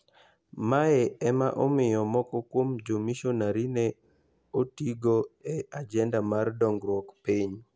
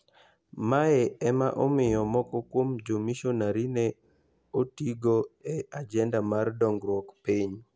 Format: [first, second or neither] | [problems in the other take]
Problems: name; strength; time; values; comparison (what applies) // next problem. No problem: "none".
first | background sound (Bowed string instrument); 19 dB below the speech